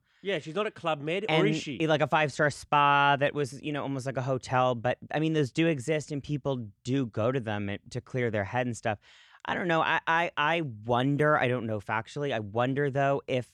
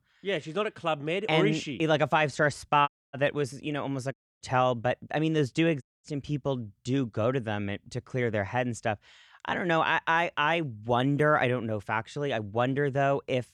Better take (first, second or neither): first